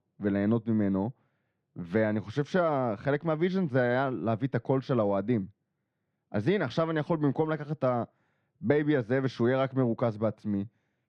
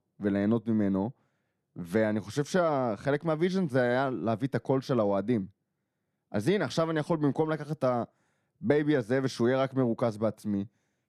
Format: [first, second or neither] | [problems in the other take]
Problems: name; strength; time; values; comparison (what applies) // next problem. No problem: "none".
second | muffled; very slightly; fading above 3 kHz